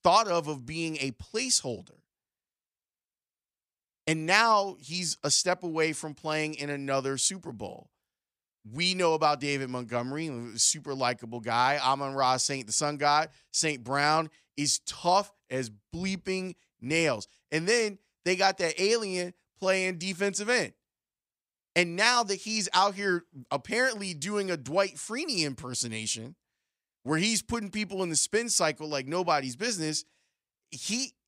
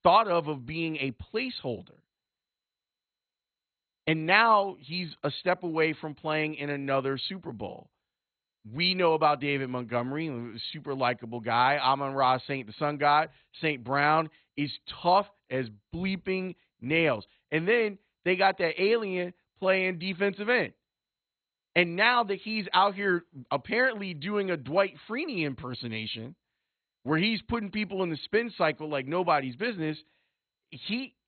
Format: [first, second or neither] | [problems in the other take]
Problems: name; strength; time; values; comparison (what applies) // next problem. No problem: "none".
first | garbled, watery; badly; nothing above 4 kHz